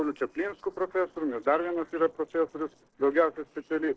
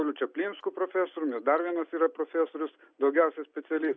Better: second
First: noise reduction (neural separator model SepFormer DNS4)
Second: none

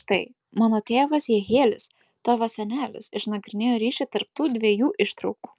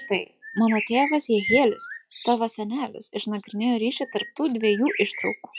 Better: first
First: none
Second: noise reduction (classical method log-MMSE)

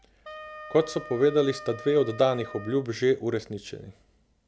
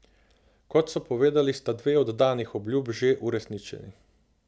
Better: second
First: background sound (Wind instrument, woodwind instrument); 17 dB below the speech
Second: none

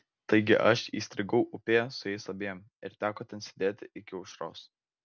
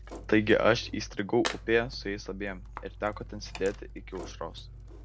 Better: first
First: none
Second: background sound (Growling + Tools); 12 dB below the speech

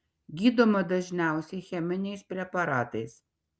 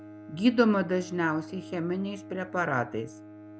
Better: first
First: none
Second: background sound (Bowed string instrument); 16 dB below the speech

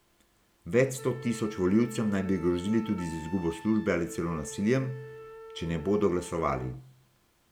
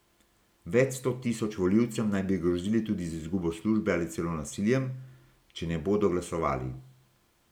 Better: second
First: background sound (Wind instrument, woodwind instrument); 17 dB below the speech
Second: none

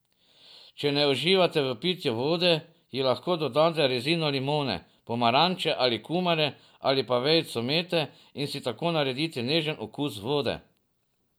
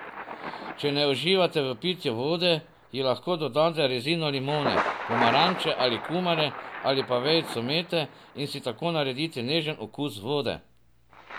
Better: first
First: none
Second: background sound (Thunder); 8 dB below the speech

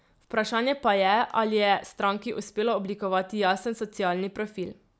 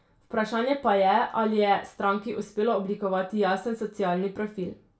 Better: first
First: none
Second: room echo; dies away in 0.3 s

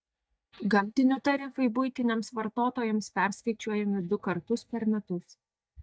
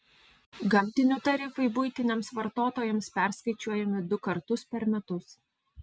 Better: second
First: noise reduction (neural mask model DeepFilterNet 3)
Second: none

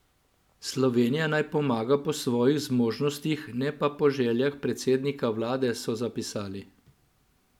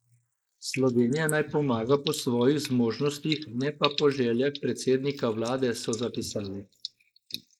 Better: first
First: none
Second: noise reduction (neural mask model Resemble Enhance denoiser)

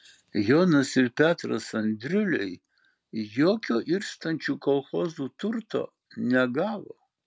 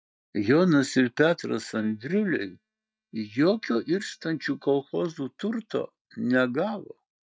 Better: first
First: none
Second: noise reduction (neural mask model DeepFilterNet 3)

